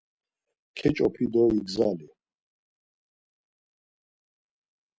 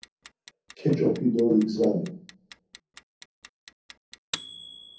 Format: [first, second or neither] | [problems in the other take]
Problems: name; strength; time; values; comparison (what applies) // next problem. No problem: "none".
first | background sound (Clock); 17 dB below the speech // room echo; dies away in 0.6 s